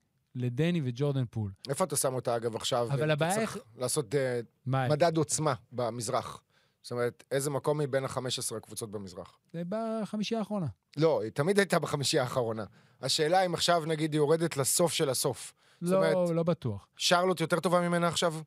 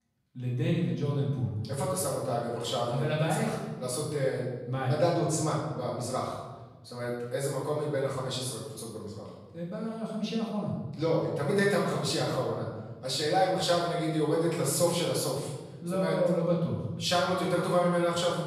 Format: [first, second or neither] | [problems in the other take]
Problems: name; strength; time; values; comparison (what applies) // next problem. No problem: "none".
first | off-mic speech; far // room echo; noticeable; dies away in 1.2 s